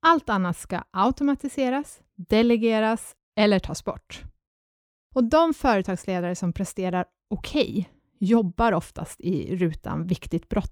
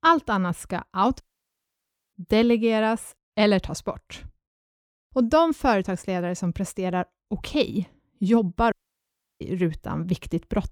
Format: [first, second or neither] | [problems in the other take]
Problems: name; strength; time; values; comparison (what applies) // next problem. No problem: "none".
first | audio cutting out; at 1 s for 1 s and at 8.5 s for 0.5 s